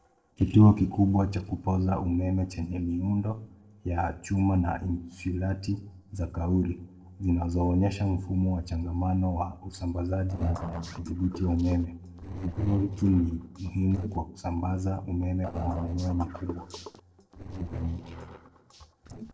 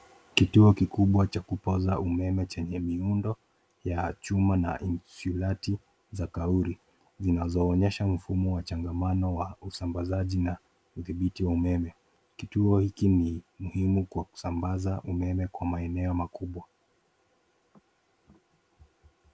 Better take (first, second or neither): second